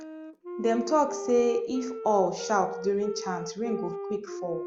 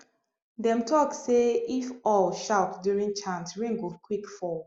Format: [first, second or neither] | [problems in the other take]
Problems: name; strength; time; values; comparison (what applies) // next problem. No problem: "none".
second | background sound (Wind instrument, woodwind instrument); 9 dB below the speech